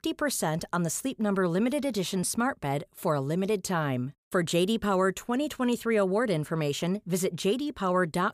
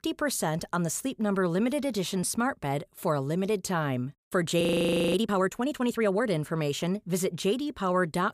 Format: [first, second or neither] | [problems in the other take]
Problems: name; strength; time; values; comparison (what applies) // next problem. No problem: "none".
first | audio freezing; at 4.5 s for 0.5 s